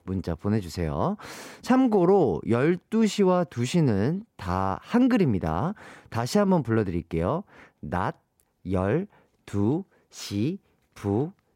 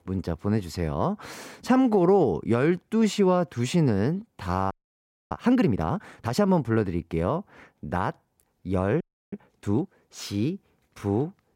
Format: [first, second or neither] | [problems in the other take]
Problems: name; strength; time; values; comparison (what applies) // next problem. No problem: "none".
first | audio freezing; at 4.5 s for 0.5 s and at 9 s